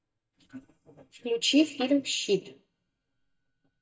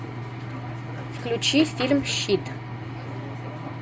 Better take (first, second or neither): second